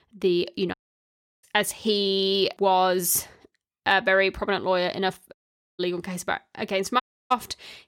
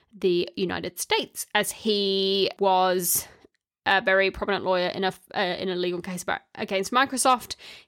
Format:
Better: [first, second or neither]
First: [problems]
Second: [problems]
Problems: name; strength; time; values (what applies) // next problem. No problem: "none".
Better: second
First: audio cutting out; at 0.5 s for 0.5 s, at 5.5 s and at 7 s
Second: none